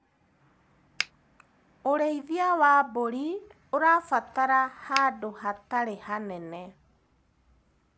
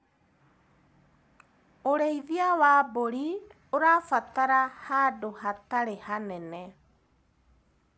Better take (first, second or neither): second